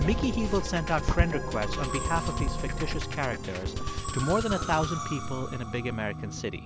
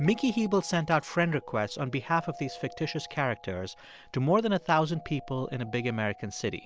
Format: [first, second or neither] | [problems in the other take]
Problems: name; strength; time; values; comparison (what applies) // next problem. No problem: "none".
second | background sound (Musical instrument); as loud as the speech